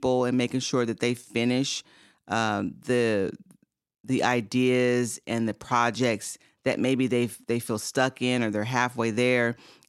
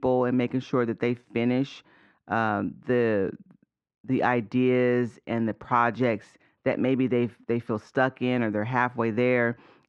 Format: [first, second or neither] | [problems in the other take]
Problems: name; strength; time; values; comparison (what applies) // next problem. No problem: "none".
first | muffled; very; fading above 1.5 kHz